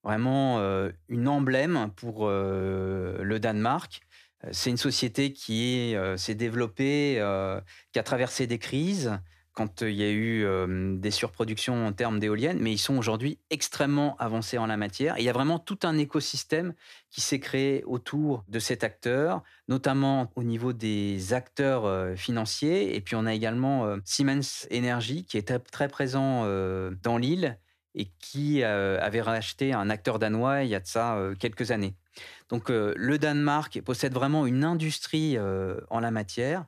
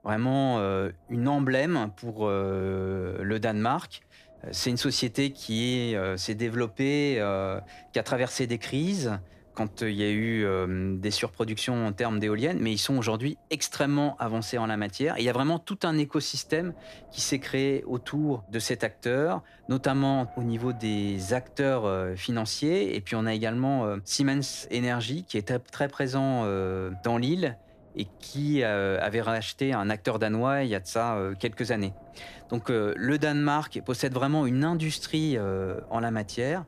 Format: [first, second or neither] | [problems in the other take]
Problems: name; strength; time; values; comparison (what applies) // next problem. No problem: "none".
first | wind noise on the microphone; occasional gusts; 25 dB below the speech